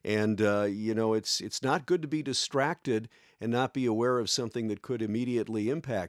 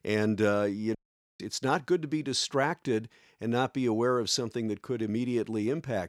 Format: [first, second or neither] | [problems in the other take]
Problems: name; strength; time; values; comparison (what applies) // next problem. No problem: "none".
first | audio cutting out; at 1 s